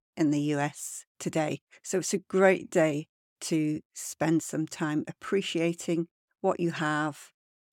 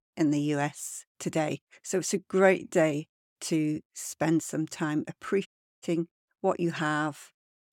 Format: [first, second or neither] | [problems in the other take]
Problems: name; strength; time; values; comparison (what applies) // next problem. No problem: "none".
first | audio cutting out; at 5.5 s